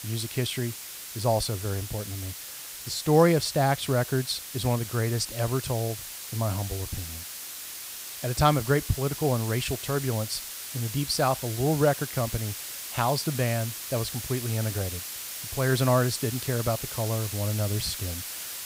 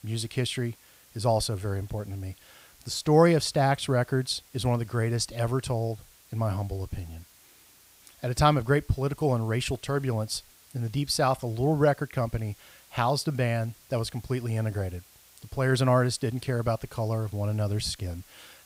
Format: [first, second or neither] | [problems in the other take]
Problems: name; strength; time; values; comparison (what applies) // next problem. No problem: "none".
second | hiss; loud; throughout; 7 dB below the speech; faint in the second